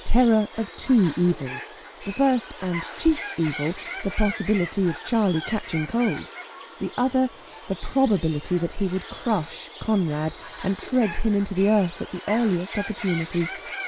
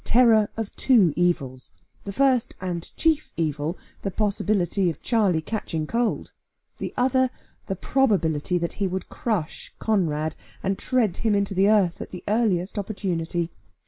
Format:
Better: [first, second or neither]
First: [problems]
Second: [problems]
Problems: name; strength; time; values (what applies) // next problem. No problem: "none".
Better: second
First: background sound (Bird); 14 dB below the speech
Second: none